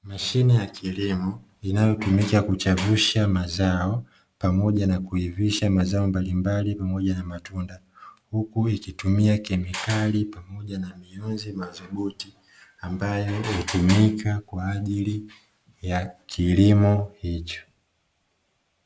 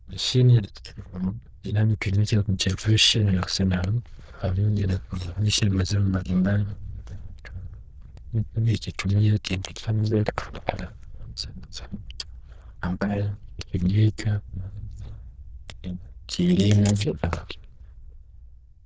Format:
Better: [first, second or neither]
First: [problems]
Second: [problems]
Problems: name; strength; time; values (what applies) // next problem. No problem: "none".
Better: first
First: none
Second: noise reduction (neural diffusion model UNIVERSE++)